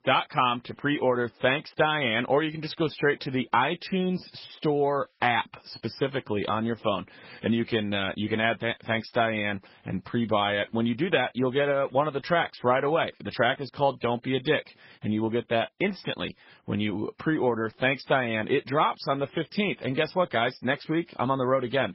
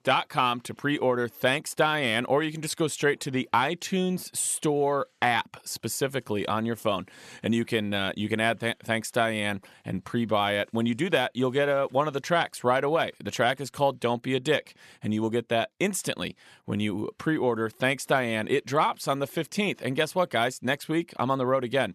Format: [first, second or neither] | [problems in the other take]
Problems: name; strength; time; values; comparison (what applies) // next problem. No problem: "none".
second | garbled, watery; badly; nothing above 5.5 kHz